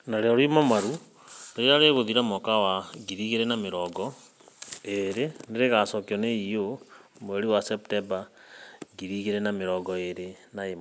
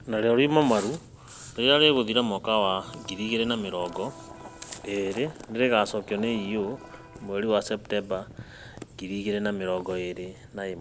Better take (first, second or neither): first